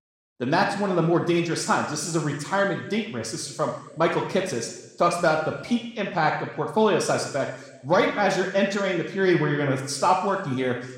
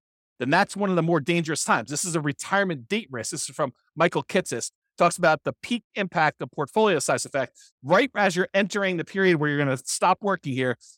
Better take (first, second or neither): second